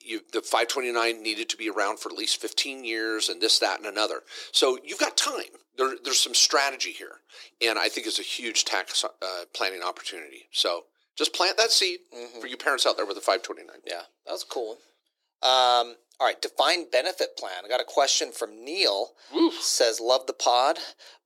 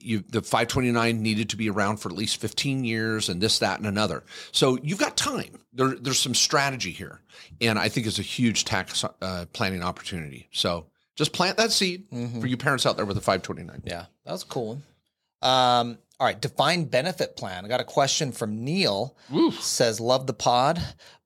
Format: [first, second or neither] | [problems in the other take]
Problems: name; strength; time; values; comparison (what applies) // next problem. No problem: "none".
second | thin; very; fading below 300 Hz